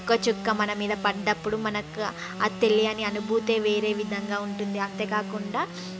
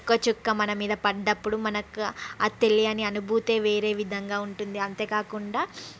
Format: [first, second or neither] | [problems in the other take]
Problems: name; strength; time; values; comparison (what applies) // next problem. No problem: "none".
second | background sound (Sawing / Engine); 9 dB below the speech